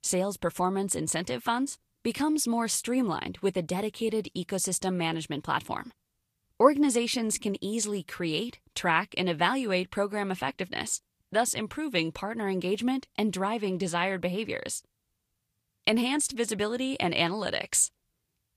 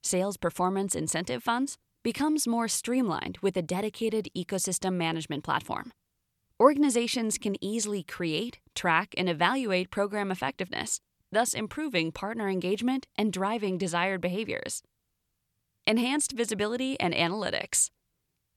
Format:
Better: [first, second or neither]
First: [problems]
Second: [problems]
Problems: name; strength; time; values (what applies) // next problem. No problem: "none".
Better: second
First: garbled, watery; slightly; nothing above 12.5 kHz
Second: none